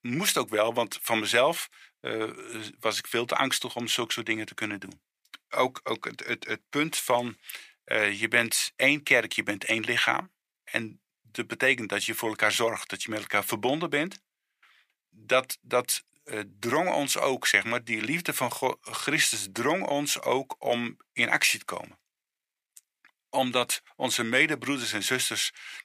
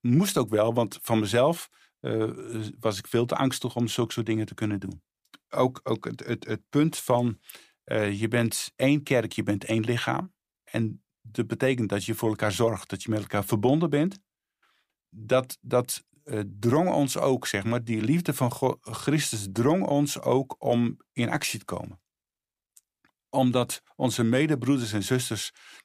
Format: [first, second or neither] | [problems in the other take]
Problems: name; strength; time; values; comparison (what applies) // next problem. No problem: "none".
second | thin; somewhat; fading below 900 Hz